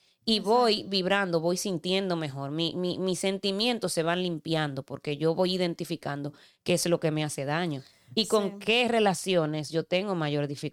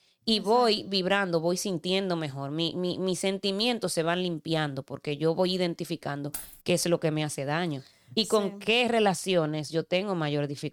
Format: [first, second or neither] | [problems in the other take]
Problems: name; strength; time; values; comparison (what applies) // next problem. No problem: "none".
first | jangling keys; faint; at 6.5 s; peak 10 dB below the speech